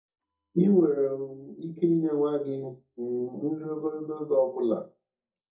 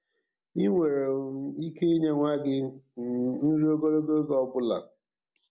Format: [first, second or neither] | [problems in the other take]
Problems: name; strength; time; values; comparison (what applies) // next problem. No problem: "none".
second | noise reduction (neural mask model DeepFilterNet 3)